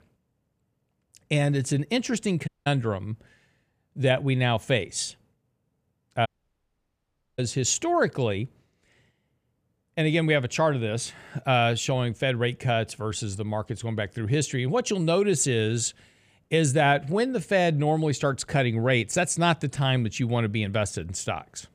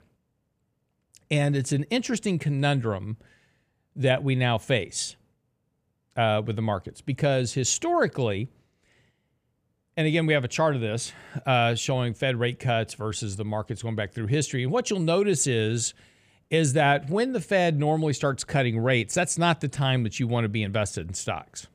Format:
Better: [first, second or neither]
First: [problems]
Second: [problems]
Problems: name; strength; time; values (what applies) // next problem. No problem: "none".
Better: second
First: audio cutting out; at 2.5 s and at 6.5 s for 1 s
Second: none